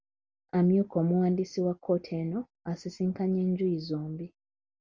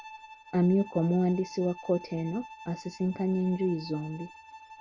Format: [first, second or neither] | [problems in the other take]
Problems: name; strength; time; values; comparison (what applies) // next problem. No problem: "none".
first | background sound (Bowed string instrument); 18 dB below the speech